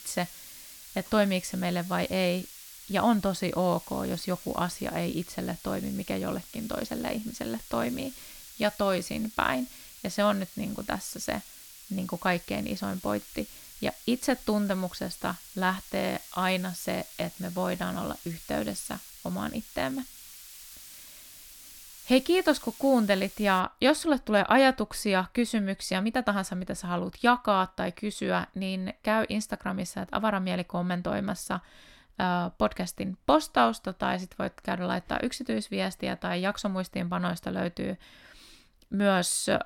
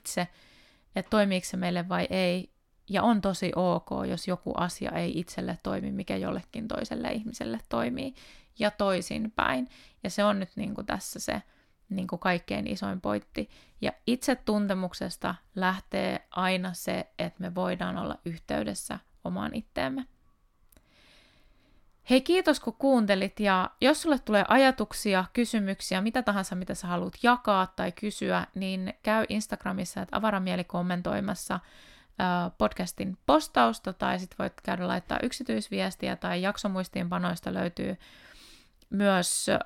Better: second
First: hiss; noticeable; until 24 s; 15 dB below the speech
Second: none

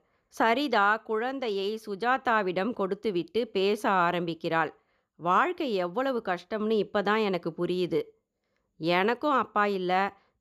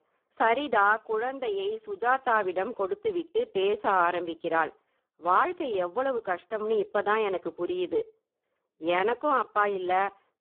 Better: first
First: none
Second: phone-call audio; poor line

